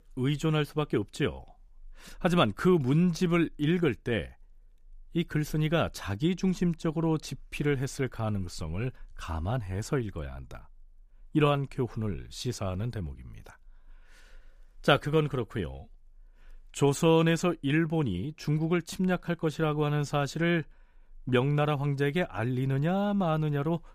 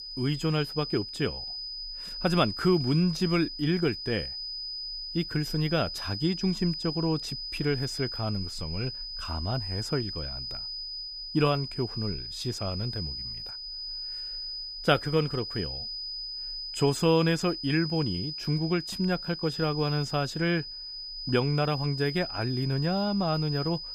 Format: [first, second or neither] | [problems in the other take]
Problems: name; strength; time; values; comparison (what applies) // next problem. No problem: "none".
first | high-pitched whine; loud; throughout; 5 kHz, 6 dB below the speech